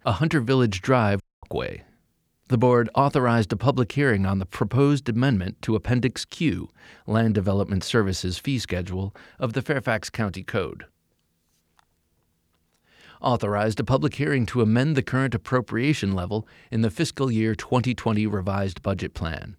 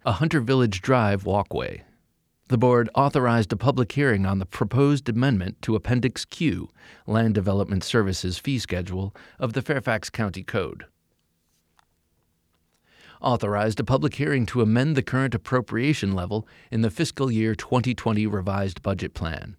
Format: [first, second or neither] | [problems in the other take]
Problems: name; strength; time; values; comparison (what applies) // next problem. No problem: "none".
second | audio cutting out; at 1 s